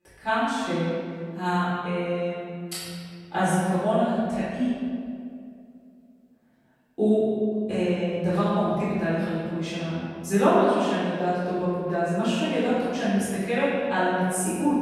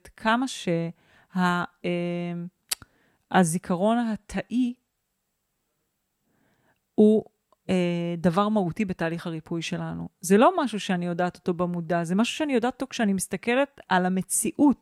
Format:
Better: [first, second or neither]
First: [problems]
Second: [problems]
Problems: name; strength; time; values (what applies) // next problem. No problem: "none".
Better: second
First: off-mic speech; far // room echo; strong; dies away in 1.9 s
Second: none